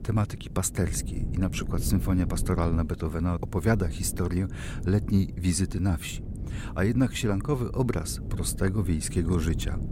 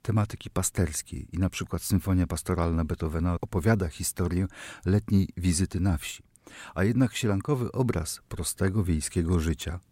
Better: second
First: wind noise on the microphone; occasional gusts; 15 dB below the speech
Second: none

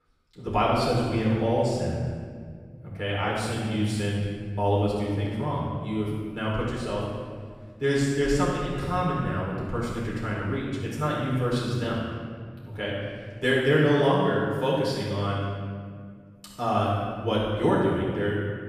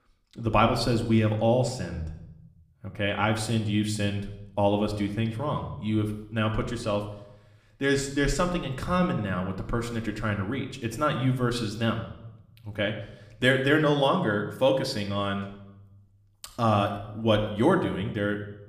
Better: second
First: room echo; strong; dies away in 1.7 s // off-mic speech; far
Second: room echo; slight; dies away in 0.7 s // off-mic speech; somewhat distant

